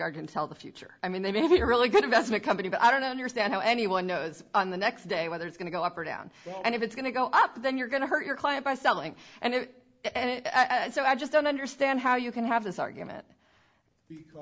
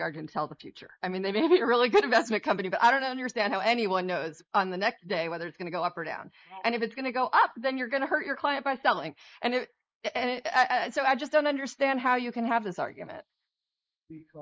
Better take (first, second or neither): first